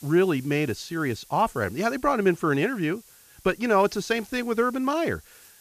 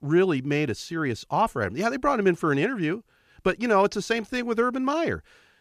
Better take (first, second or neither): second